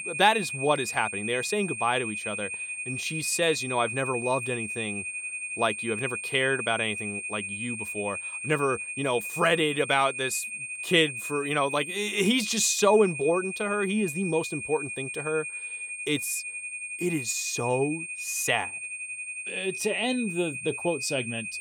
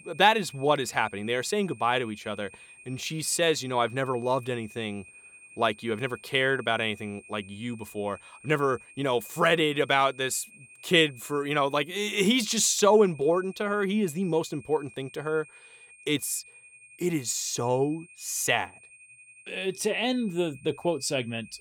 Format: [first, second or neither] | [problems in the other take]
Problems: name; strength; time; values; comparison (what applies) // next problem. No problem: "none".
second | high-pitched whine; loud; throughout; 2.5 kHz, 5 dB below the speech; faint in the second